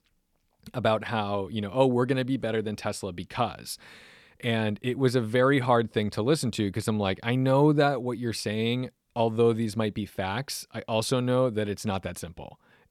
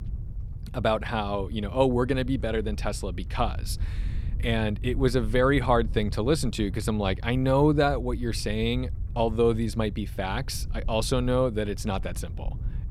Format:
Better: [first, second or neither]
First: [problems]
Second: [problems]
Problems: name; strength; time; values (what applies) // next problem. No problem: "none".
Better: first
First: none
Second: low rumble; faint; throughout; 25 dB below the speech